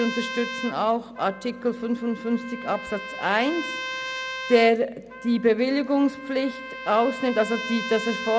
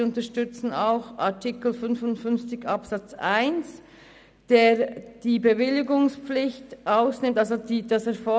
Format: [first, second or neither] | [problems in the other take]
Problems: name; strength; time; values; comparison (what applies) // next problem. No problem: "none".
second | background sound (Trumpet); 10 dB below the speech